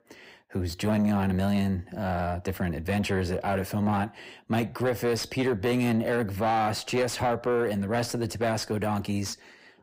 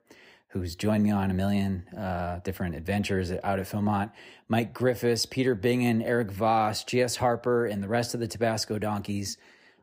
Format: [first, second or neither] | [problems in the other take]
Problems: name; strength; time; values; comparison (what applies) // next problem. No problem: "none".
second | distortion; slight; 10 dB below the speech